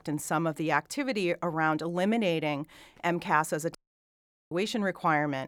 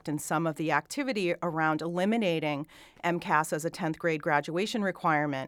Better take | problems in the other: second | audio cutting out; at 4 s for 1 s

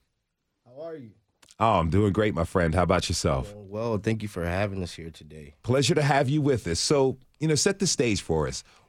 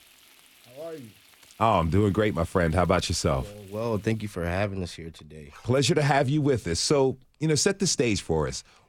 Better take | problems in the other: first | household noises; faint; until 6.5 s; 30 dB below the speech

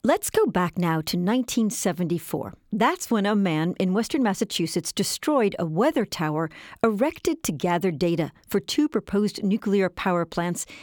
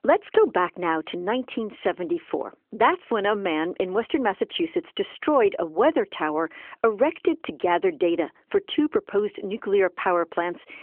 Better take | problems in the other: first | phone-call audio; nothing above 3.5 kHz

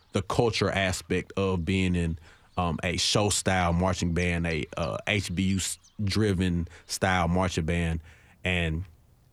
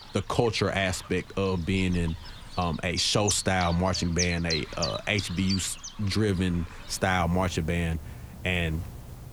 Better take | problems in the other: first | animal sounds; loud; throughout; 10 dB below the speech; faint in the first

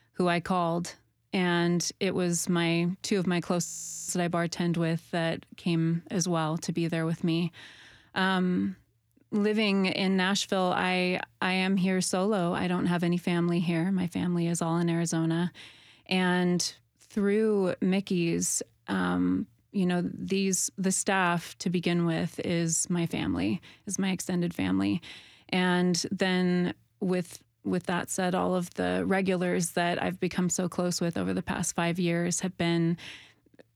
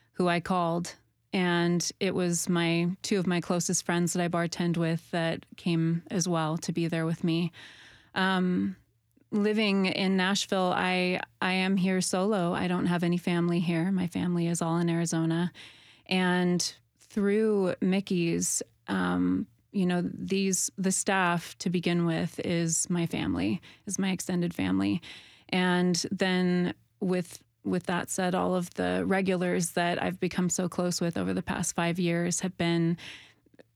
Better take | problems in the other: second | audio freezing; at 3.5 s

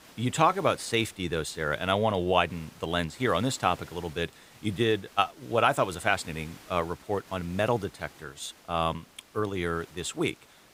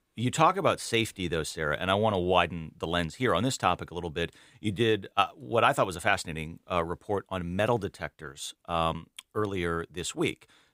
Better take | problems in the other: second | hiss; faint; throughout; 25 dB below the speech

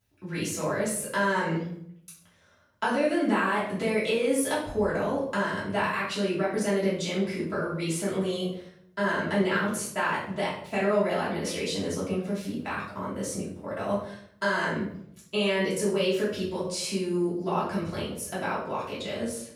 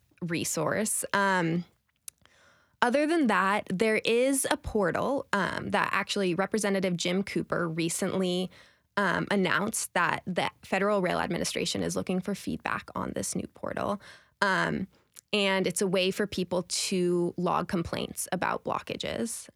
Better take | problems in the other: second | off-mic speech; far // room echo; noticeable; dies away in 0.6 s

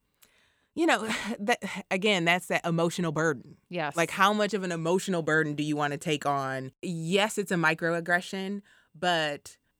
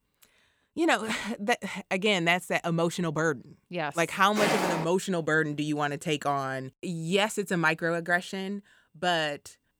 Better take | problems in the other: first | footsteps; loud; at 4.5 s; peak 1 dB above the speech

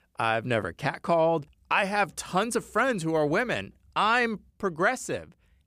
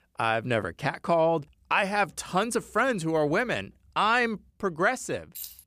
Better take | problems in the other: first | jangling keys; faint; at 5.5 s; peak 10 dB below the speech

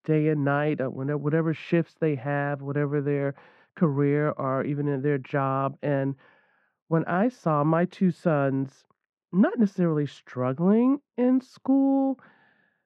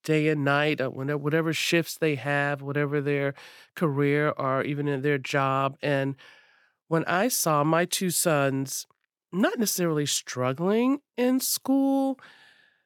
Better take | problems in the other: second | muffled; very; fading above 1.5 kHz

